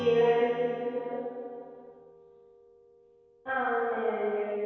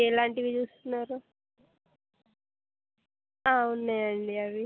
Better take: second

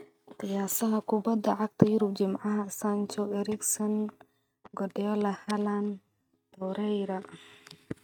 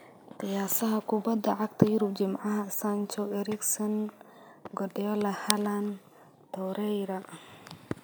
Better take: second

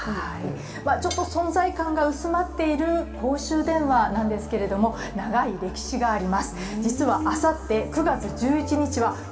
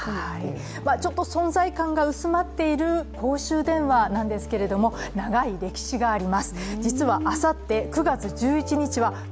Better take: second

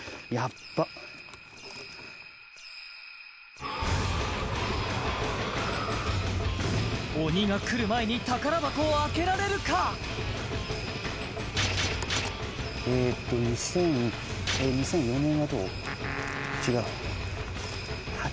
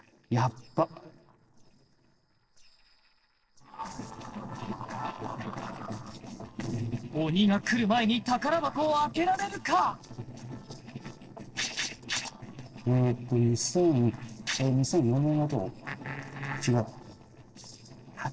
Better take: first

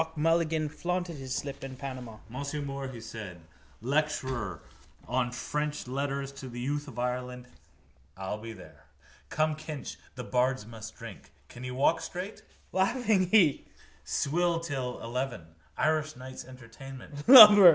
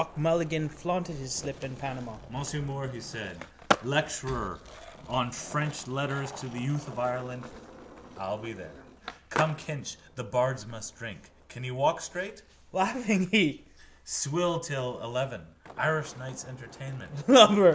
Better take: first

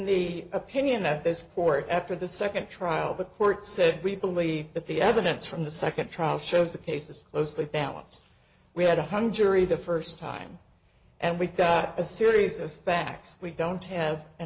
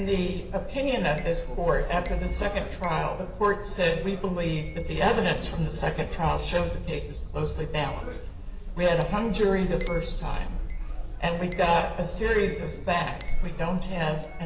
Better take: first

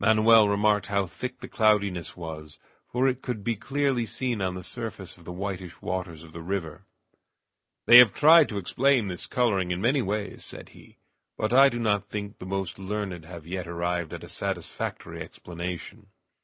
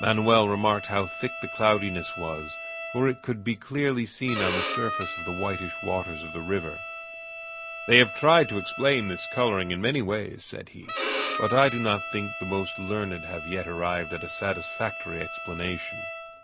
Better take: first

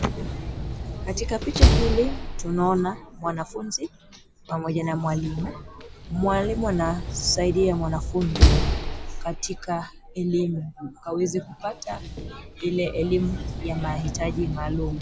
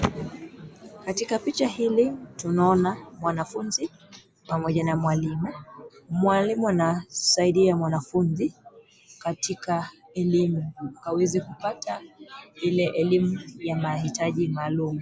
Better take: second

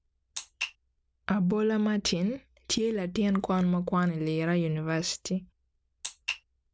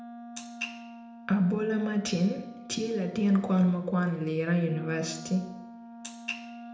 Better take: first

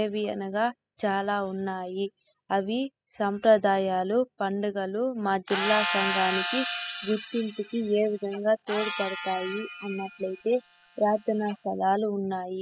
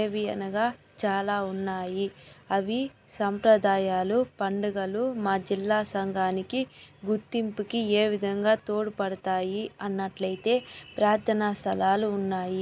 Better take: second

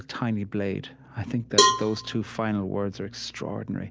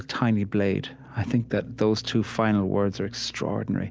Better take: second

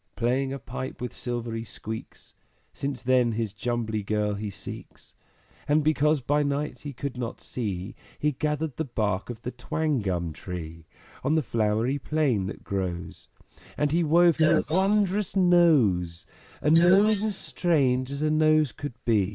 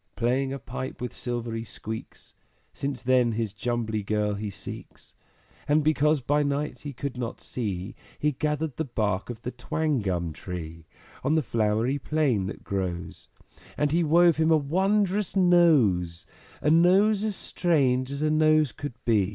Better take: second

